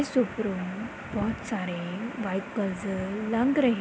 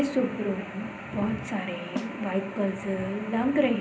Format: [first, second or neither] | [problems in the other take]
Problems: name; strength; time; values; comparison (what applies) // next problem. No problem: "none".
first | background sound (Snare drum); 14 dB below the speech // room echo; dies away in 0.5 s